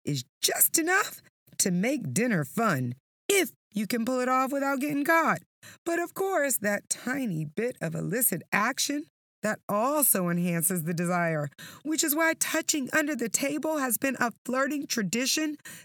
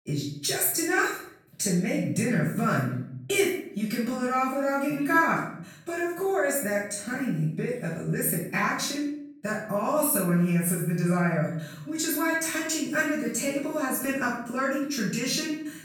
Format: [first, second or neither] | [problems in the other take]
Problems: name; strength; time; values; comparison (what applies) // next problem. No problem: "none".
first | room echo; noticeable; dies away in 0.7 s // off-mic speech; far